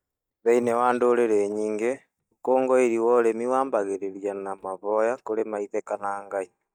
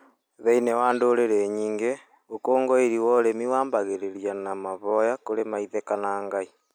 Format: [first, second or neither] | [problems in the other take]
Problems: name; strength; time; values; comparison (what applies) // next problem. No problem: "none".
second | noise reduction (neural mask model DeepFilterNet 3)